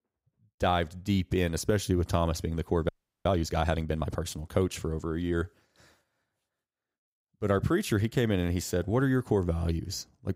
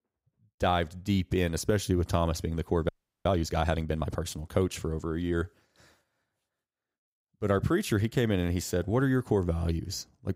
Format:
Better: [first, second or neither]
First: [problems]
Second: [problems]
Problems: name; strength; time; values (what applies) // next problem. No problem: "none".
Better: neither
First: audio freezing; at 3 s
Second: audio freezing; at 3 s